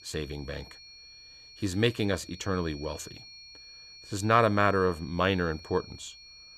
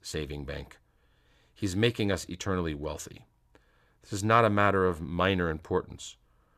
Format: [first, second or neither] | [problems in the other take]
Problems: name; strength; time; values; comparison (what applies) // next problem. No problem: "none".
second | high-pitched whine; noticeable; throughout; 4.5 kHz, 20 dB below the speech